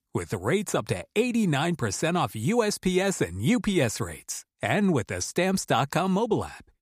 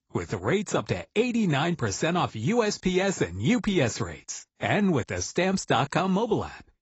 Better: first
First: none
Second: garbled, watery; badly; nothing above 8 kHz

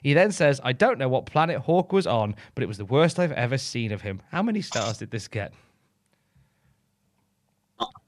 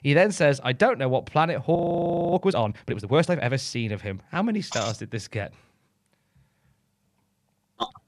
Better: first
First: none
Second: audio freezing; at 2 s for 0.5 s

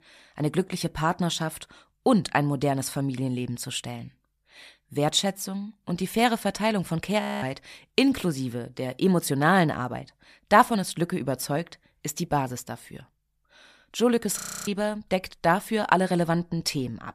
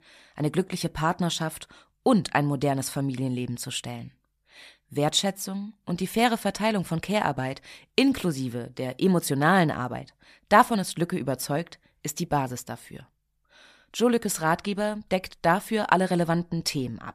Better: second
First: audio freezing; at 7 s and at 14 s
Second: none

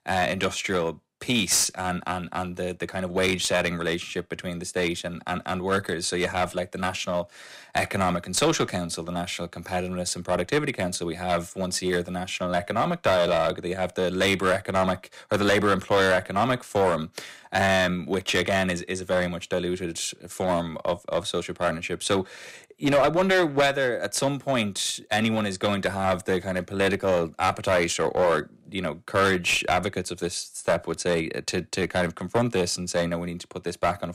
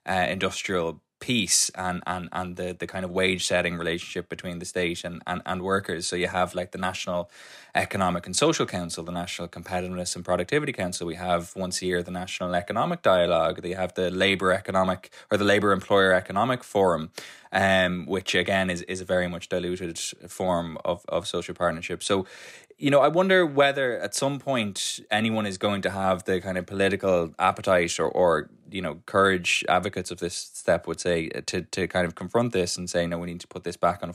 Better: second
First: distortion; slight; 6% of the sound clipped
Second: none

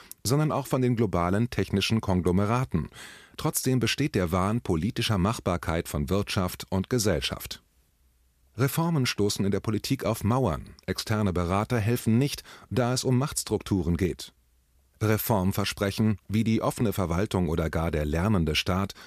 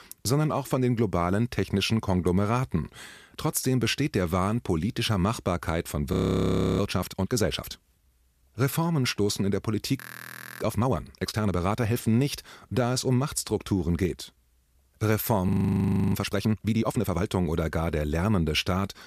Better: first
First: none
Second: audio freezing; at 6 s for 0.5 s, at 10 s for 0.5 s and at 15 s for 0.5 s

